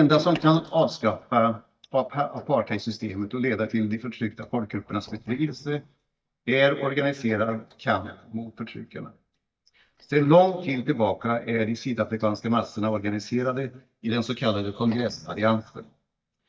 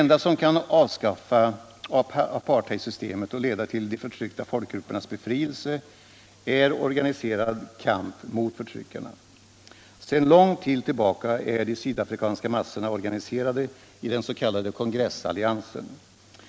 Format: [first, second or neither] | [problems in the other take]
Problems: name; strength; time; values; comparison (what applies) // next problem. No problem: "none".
second | noise reduction (neural mask model DeepFilterNet 3)